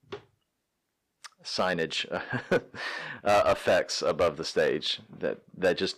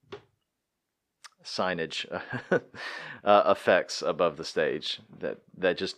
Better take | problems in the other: second | distortion; heavy; 4% of the sound clipped

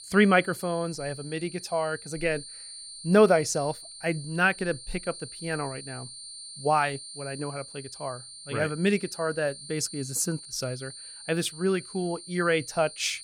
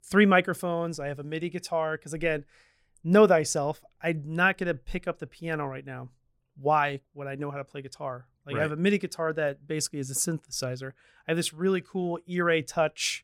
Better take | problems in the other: second | high-pitched whine; noticeable; throughout; 9 kHz, 15 dB below the speech

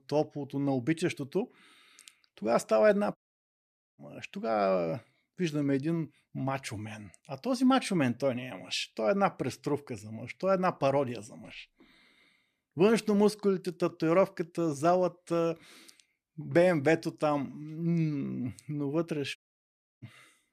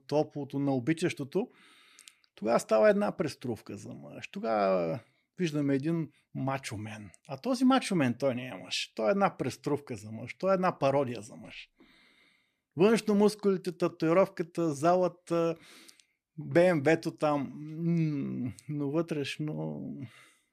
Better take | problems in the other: second | audio cutting out; at 3 s for 1 s and at 19 s for 0.5 s

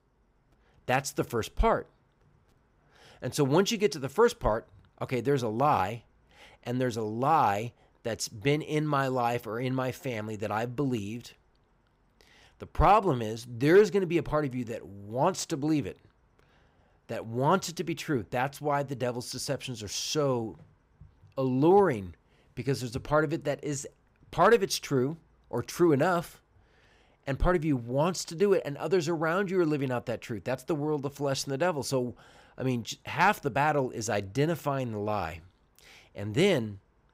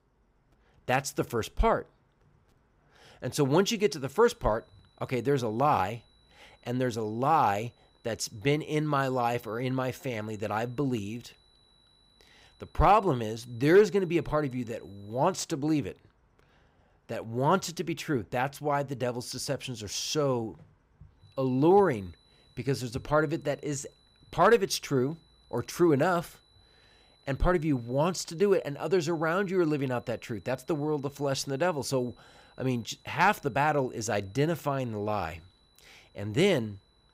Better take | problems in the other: first | high-pitched whine; faint; from 3.5 to 15 s and from 21 s on; 4 kHz, 35 dB below the speech

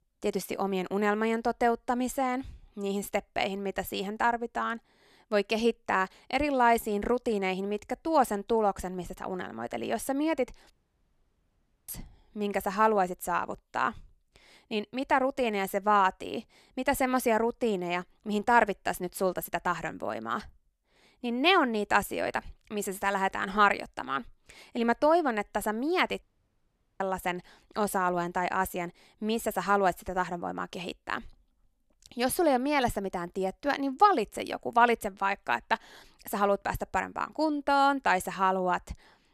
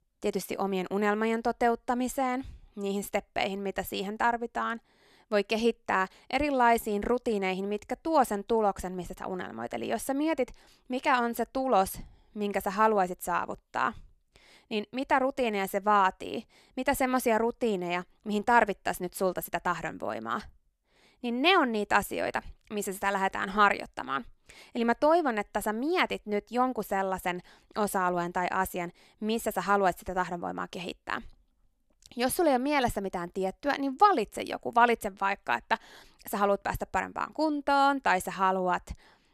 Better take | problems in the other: second | audio cutting out; at 11 s for 1 s and at 26 s for 1 s

